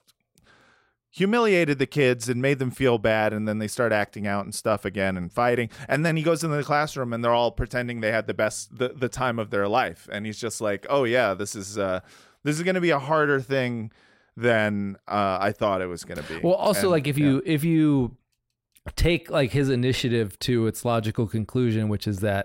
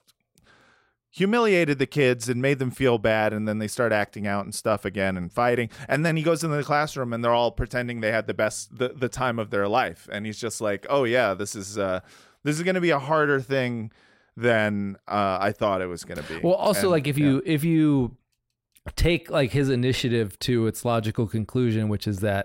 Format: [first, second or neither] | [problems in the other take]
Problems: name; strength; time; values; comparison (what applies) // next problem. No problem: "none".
neither | none